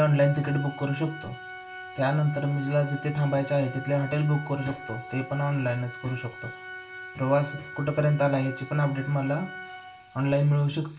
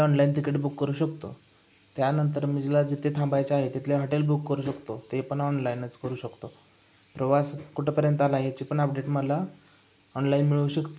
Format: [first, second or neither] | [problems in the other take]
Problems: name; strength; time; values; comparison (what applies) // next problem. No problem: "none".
second | background sound (Organ); 14 dB below the speech // room echo; dies away in 0.2 s